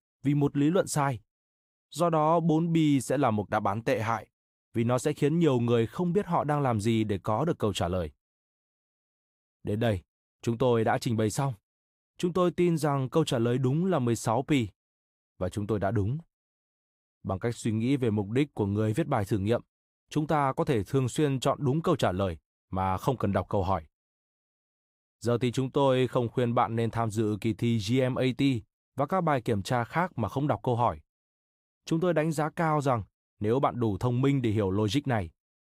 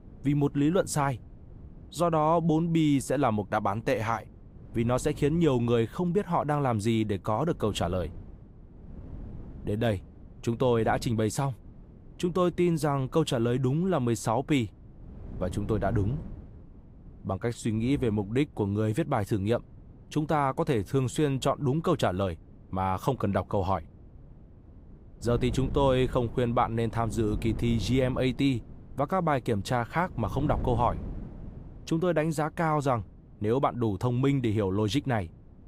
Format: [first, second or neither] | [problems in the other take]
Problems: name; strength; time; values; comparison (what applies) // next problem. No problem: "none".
first | wind noise on the microphone; occasional gusts; 25 dB below the speech